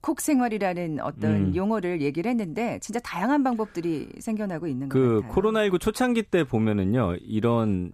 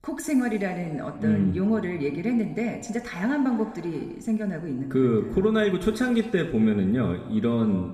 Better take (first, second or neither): first